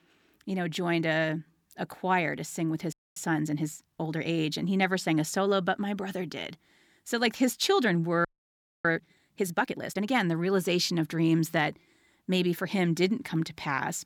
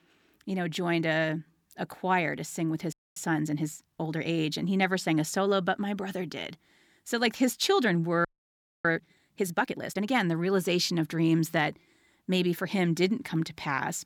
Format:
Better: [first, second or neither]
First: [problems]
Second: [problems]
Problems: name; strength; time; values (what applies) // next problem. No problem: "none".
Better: neither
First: audio freezing; at 3 s and at 8.5 s for 0.5 s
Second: audio freezing; at 3 s and at 8.5 s for 0.5 s